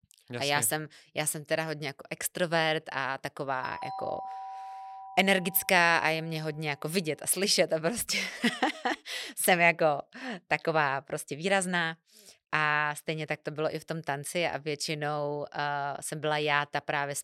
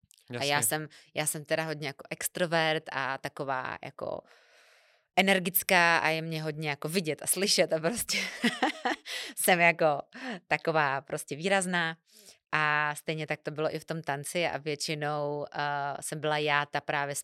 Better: second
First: doorbell; noticeable; from 3.5 to 6 s; peak 9 dB below the speech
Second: none

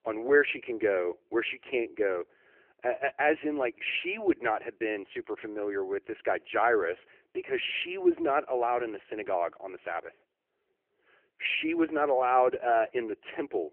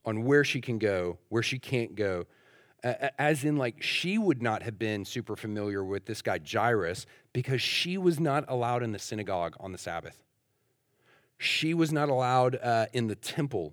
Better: second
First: phone-call audio; poor line; nothing above 3 kHz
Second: none

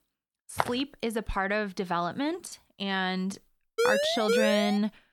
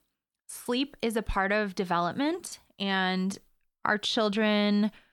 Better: second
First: footsteps; noticeable; at 0.5 s; peak 3 dB below the speech // siren; loud; at 4 s; peak 4 dB above the speech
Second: none

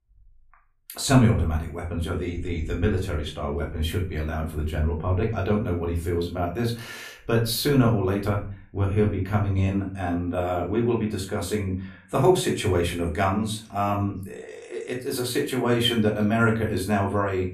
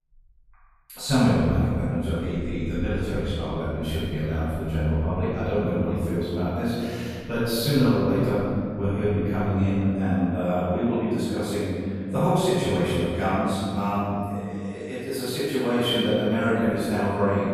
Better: first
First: room echo; slight; dies away in 0.4 s // off-mic speech; far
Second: room echo; strong; dies away in 2.5 s // off-mic speech; far

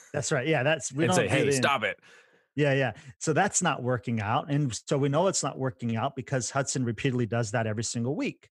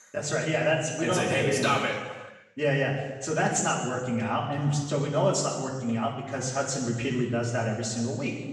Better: first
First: none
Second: room echo; noticeable; dies away in 1.2 s // off-mic speech; far

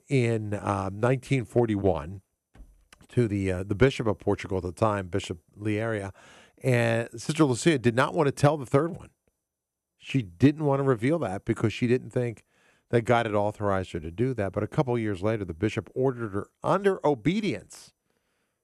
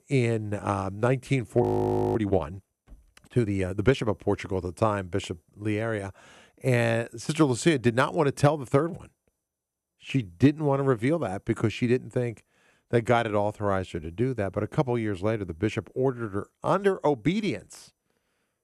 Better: first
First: none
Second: audio freezing; at 1.5 s for 0.5 s

